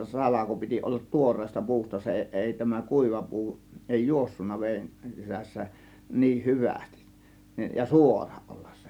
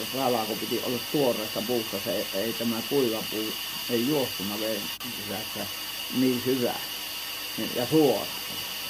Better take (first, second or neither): first